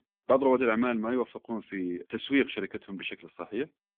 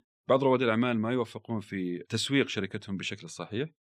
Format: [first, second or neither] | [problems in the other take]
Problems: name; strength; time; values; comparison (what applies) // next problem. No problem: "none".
second | phone-call audio; poor line; nothing above 3.5 kHz